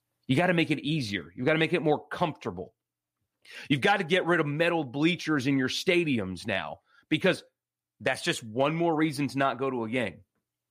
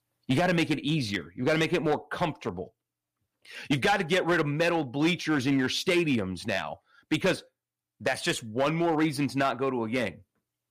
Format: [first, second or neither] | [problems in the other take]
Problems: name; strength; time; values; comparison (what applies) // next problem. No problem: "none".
first | distortion; slight; 5% of the sound clipped